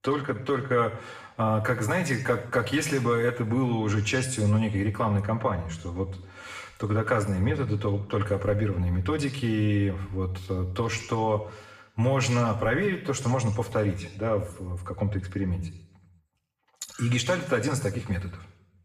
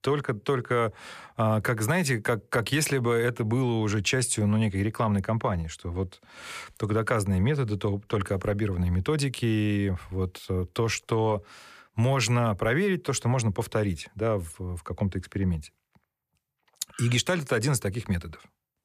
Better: second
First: room echo; slight; dies away in 0.7 s // off-mic speech; far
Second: none

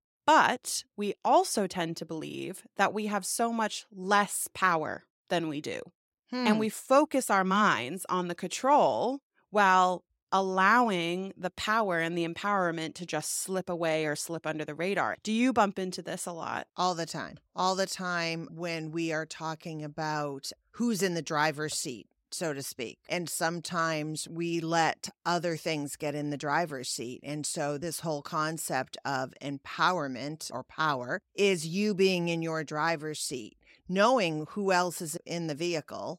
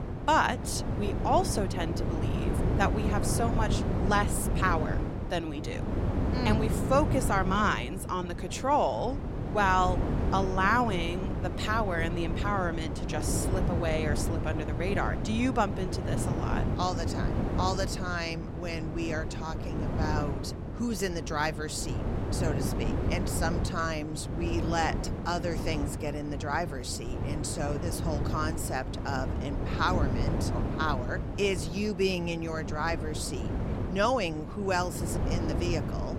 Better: first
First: none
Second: wind noise on the microphone; heavy; 8 dB below the speech

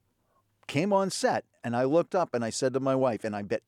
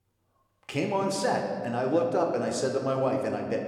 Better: first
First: none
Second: room echo; slight; dies away in 1.7 s

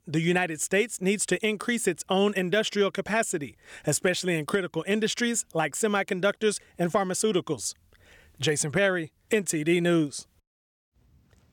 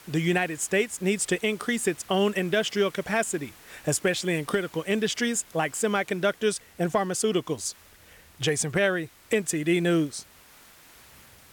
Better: first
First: none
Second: hiss; faint; throughout; 25 dB below the speech

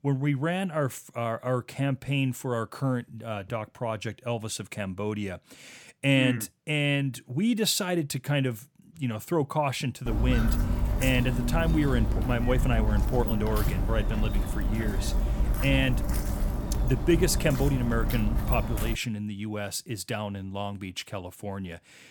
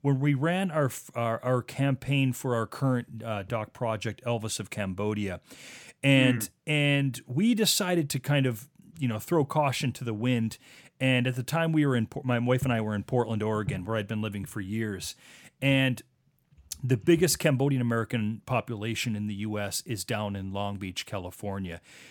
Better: second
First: footsteps; loud; from 10 to 19 s; peak 2 dB above the speech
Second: none

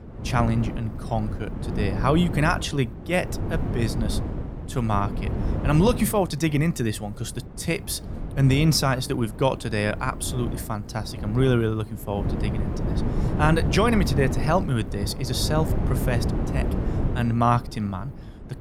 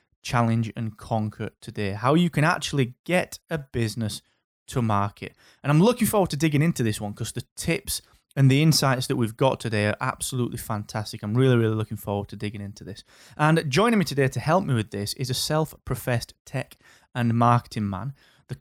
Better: second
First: wind noise on the microphone; occasional gusts; 10 dB below the speech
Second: none

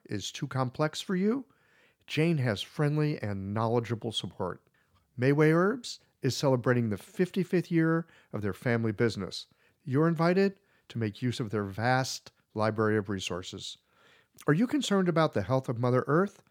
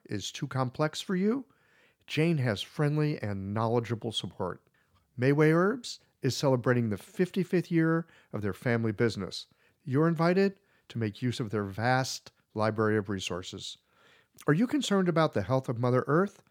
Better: neither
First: none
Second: none

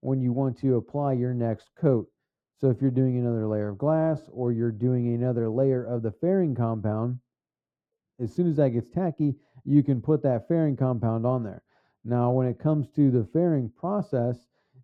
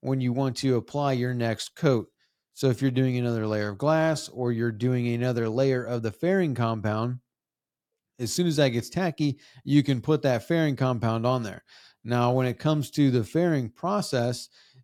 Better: second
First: muffled; very; fading above 1.5 kHz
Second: none

